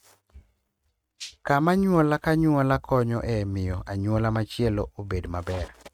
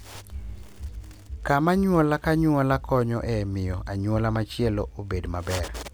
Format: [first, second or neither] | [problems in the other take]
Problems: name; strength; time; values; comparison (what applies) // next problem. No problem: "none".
second | noise reduction (neural mask model RNNoise)